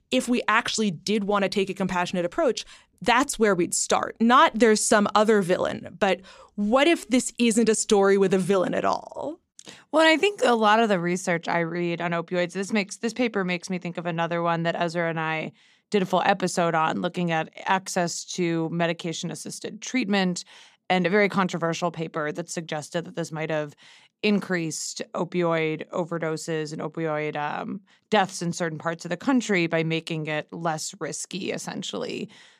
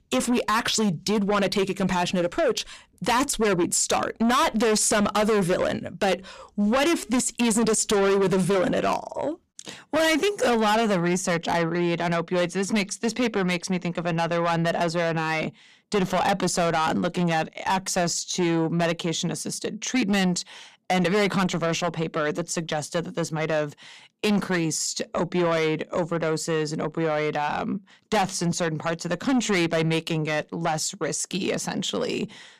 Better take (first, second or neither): first